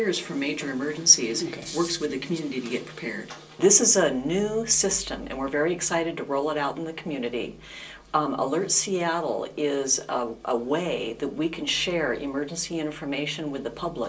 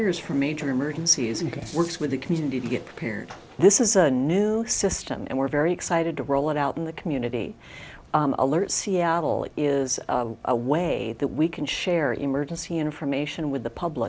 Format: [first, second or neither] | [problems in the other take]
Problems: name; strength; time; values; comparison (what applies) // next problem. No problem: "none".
second | room echo; dies away in 0.2 s